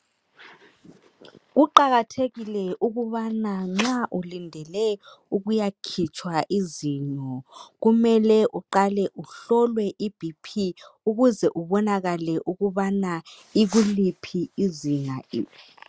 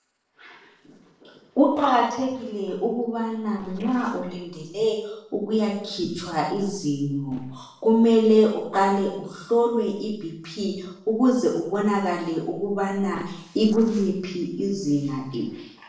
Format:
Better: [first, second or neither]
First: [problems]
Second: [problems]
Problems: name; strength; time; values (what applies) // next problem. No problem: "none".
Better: first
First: none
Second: noise reduction (neural separator model SepFormer DNS4)